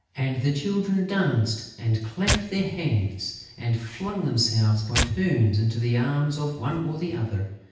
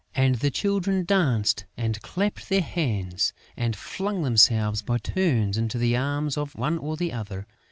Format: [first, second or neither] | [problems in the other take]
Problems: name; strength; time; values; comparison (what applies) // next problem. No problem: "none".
second | background sound (Tearing); 8 dB below the speech // room echo; dies away in 0.9 s